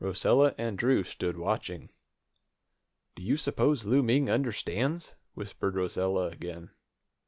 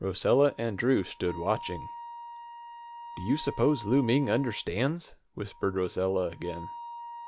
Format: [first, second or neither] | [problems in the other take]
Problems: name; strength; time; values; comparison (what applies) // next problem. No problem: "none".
first | background sound (Wind instrument, woodwind instrument); 15 dB below the speech